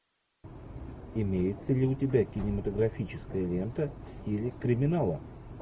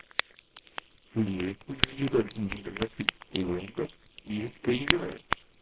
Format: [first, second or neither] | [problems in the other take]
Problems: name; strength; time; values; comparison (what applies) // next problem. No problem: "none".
first | noise reduction (neural separator model SepFormer WHAMR!)